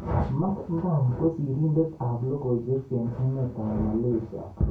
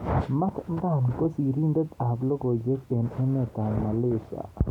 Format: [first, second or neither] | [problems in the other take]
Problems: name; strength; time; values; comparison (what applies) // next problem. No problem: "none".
second | room echo; dies away in 0.2 s